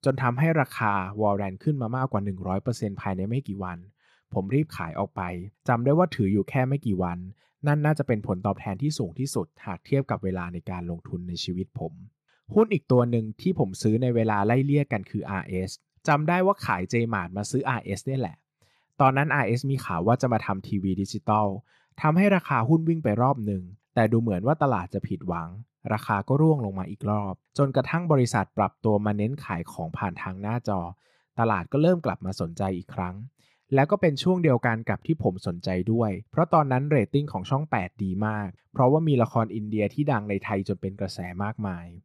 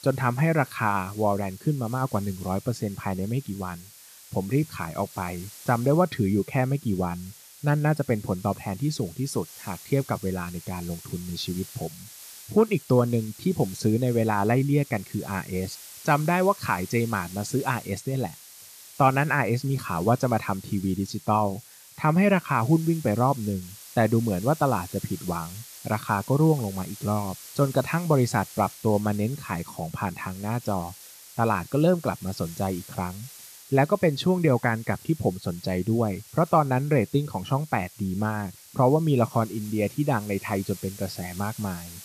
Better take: first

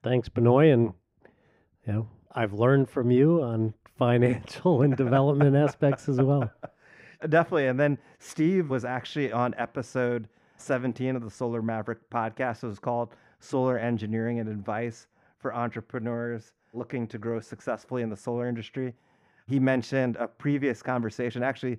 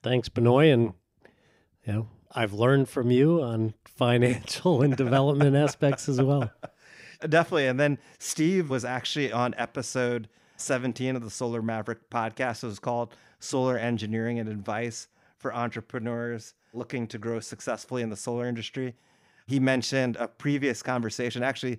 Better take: second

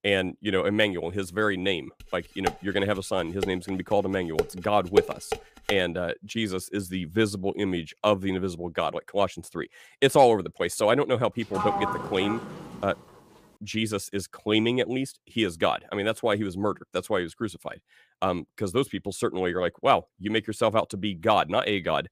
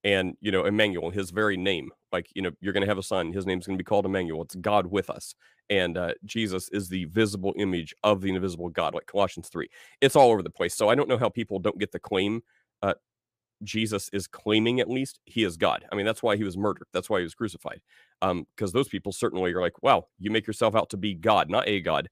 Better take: second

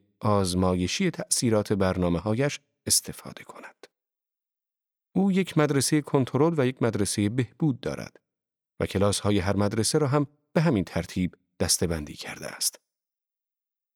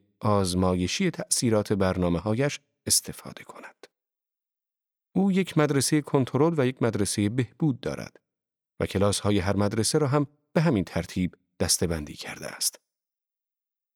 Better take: neither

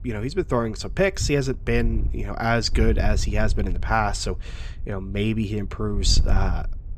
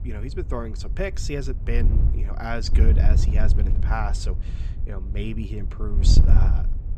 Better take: first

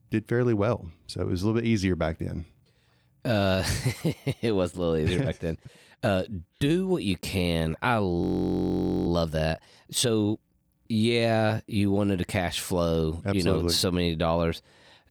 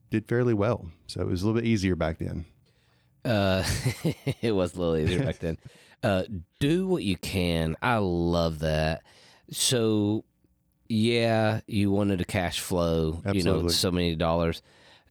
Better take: second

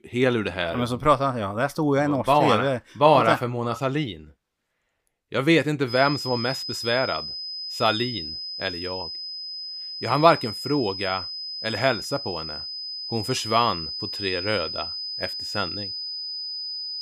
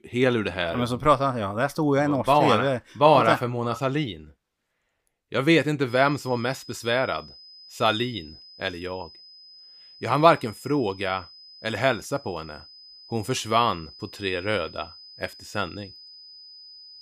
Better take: second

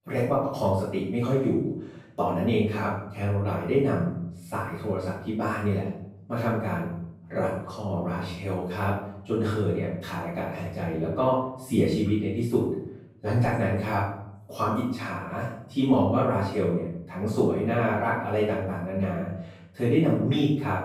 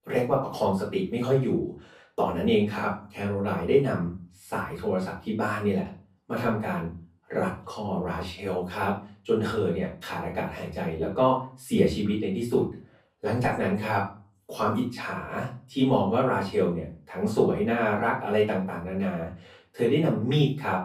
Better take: second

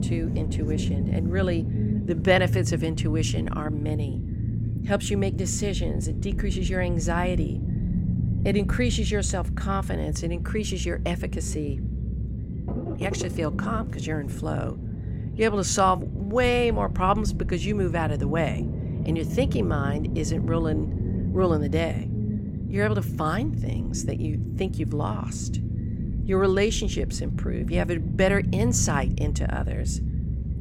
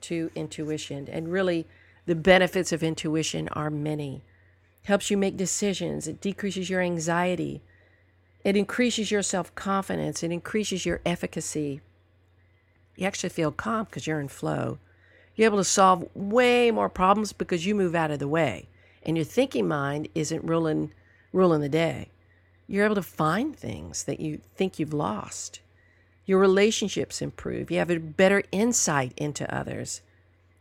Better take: second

